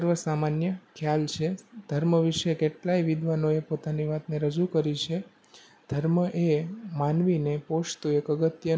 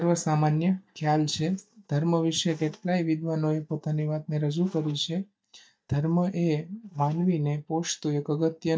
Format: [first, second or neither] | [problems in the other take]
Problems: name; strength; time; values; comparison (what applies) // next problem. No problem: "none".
first | noise reduction (neural mask model DeepFilterNet 3)